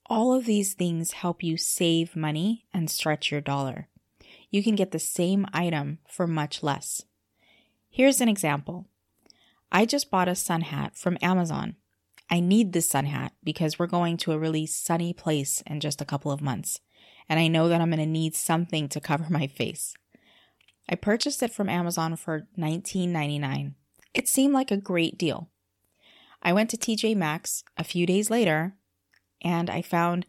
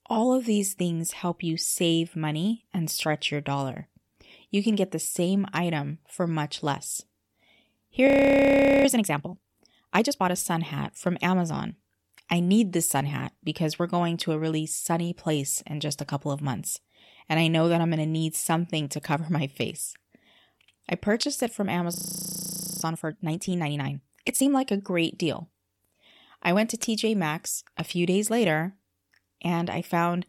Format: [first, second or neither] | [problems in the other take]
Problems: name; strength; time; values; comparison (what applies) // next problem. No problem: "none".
first | audio freezing; at 8 s for 1 s and at 22 s for 1 s